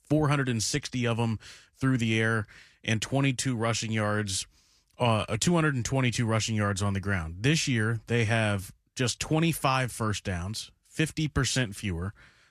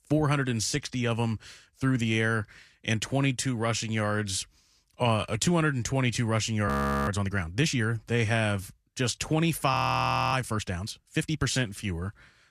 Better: first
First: none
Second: audio freezing; at 6.5 s and at 9.5 s for 0.5 s

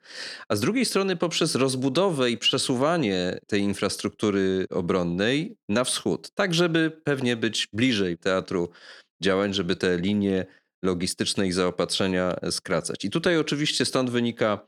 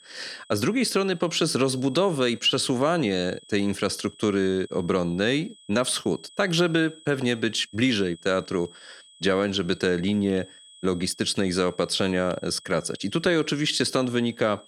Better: first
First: none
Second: high-pitched whine; faint; throughout; 3.5 kHz, 25 dB below the speech

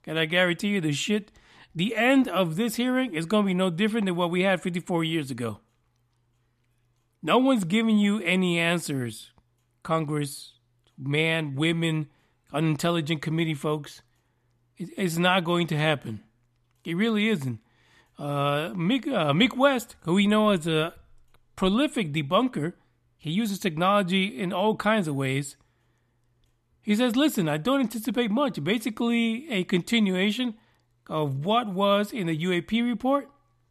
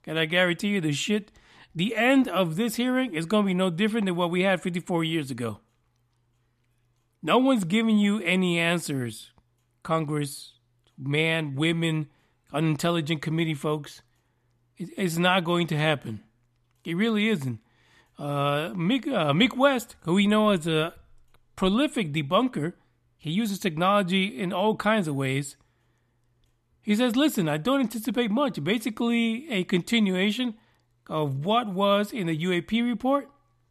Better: neither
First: none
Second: none

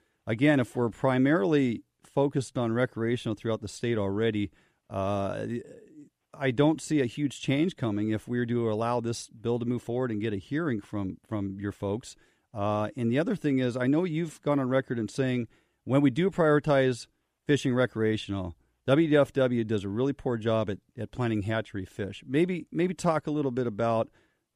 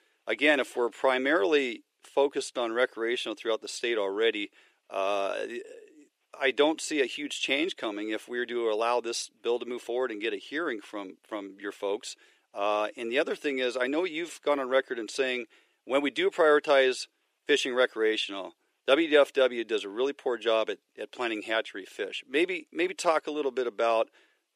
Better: first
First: none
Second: thin; somewhat; fading below 400 Hz

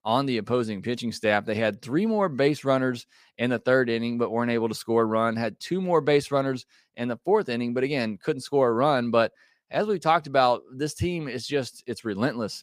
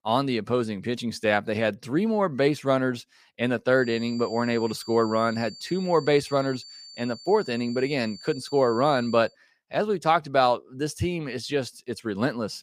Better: first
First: none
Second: high-pitched whine; noticeable; from 4 to 9 s; 4.5 kHz, 15 dB below the speech

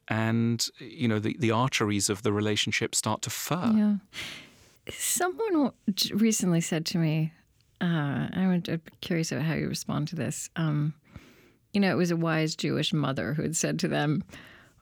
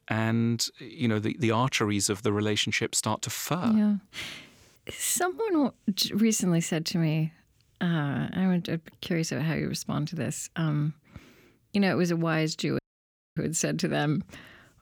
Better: first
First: none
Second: audio cutting out; at 13 s for 0.5 s

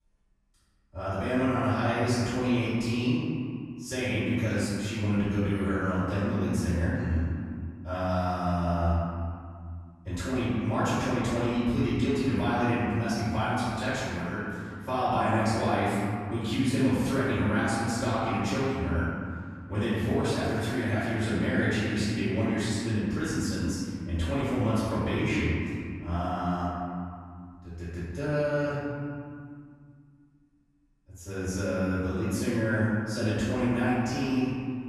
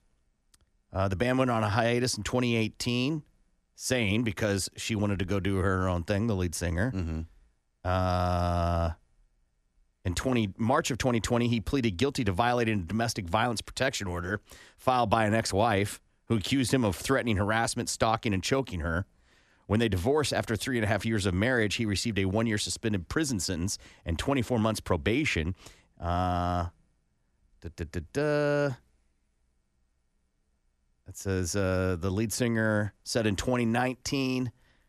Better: second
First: off-mic speech; far // room echo; strong; dies away in 2.3 s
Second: none

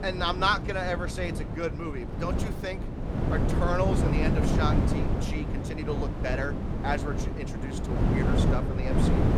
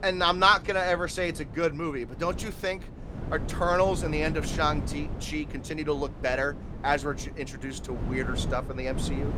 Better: second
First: wind noise on the microphone; heavy; 4 dB below the speech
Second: wind noise on the microphone; occasional gusts; 15 dB below the speech

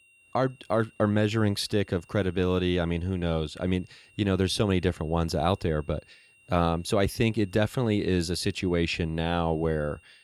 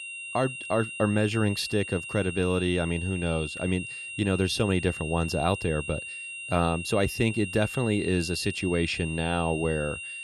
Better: first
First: high-pitched whine; faint; throughout; 3 kHz, 30 dB below the speech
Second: high-pitched whine; loud; throughout; 3 kHz, 8 dB below the speech

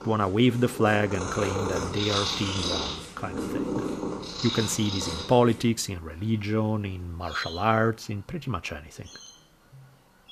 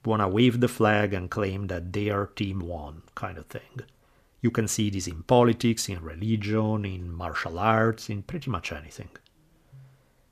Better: second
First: animal sounds; loud; throughout; 4 dB below the speech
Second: none

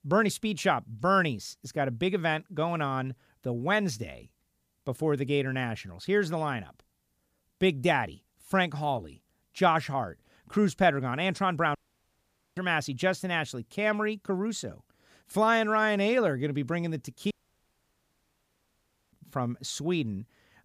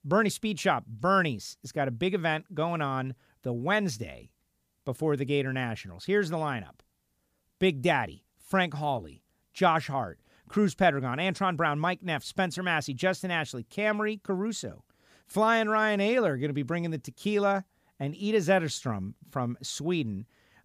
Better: second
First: audio cutting out; at 12 s for 1 s and at 17 s for 2 s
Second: none

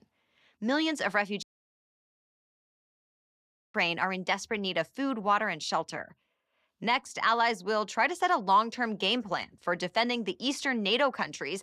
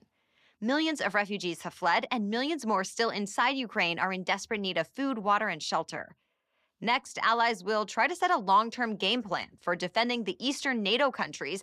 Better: second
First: audio cutting out; at 1.5 s for 2.5 s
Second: none

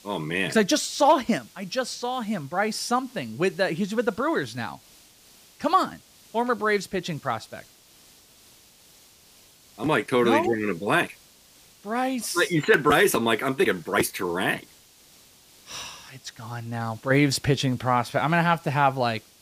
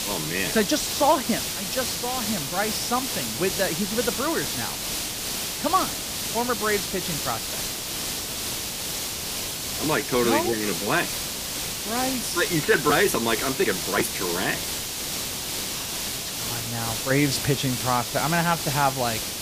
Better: first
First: hiss; faint; throughout; 25 dB below the speech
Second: hiss; loud; throughout; 2 dB below the speech

